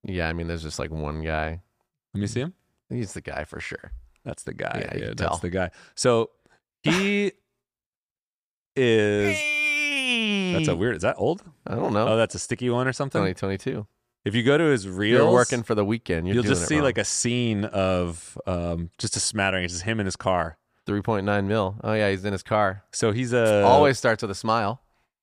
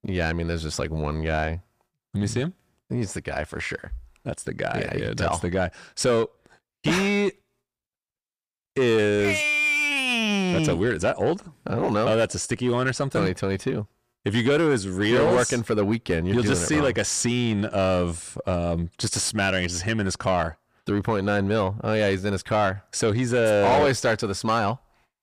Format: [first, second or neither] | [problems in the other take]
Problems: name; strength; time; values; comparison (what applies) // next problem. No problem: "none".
first | distortion; slight; 10 dB below the speech